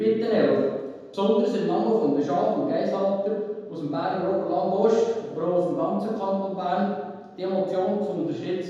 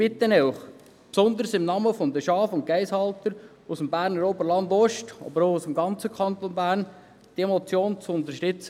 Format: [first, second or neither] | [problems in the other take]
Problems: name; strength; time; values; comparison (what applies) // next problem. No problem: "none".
second | room echo; dies away in 1.2 s